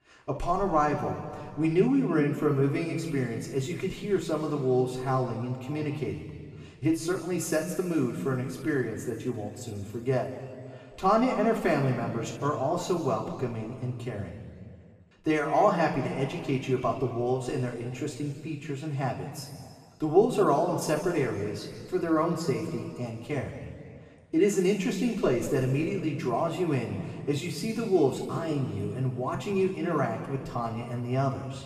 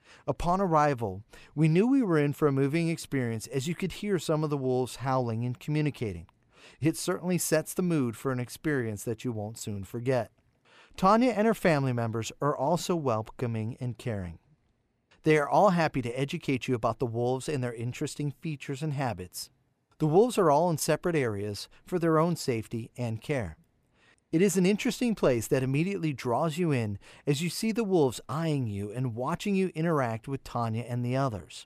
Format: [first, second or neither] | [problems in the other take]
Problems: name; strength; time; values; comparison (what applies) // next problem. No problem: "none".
second | room echo; noticeable; dies away in 2 s // off-mic speech; far